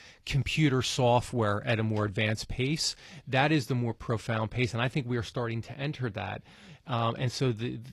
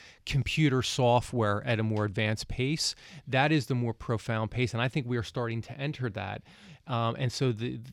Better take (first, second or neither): second